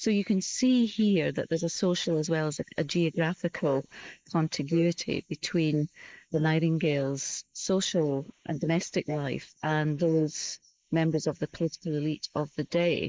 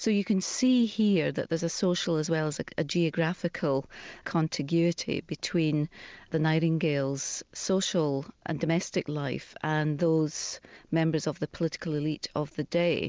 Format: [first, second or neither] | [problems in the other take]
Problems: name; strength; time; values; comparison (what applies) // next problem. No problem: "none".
second | noise reduction (neural mask model Resemble Enhance denoiser)